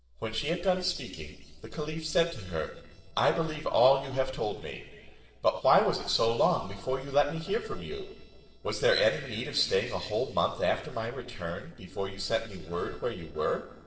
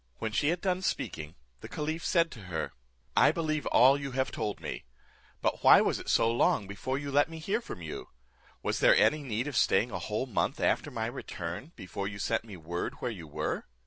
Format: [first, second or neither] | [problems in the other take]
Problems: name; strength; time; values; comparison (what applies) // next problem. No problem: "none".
second | noise reduction (neural separator model SepFormer DNS4)